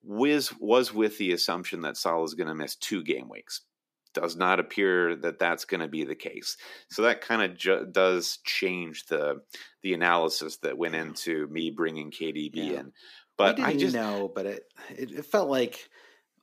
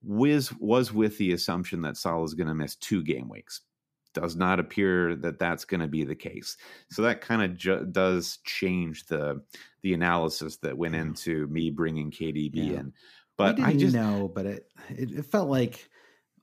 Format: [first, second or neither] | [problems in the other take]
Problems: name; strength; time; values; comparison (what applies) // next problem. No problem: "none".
second | thin; somewhat; fading below 400 Hz